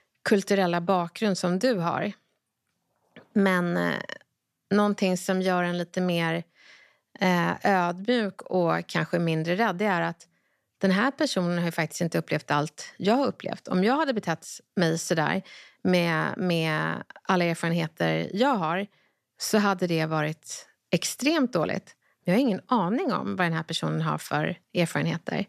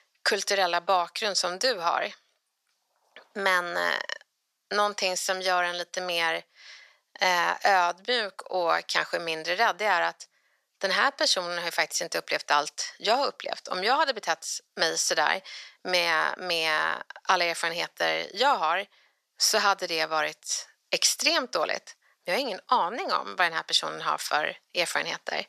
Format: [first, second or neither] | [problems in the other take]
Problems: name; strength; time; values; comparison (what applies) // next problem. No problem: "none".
first | thin; very; fading below 750 Hz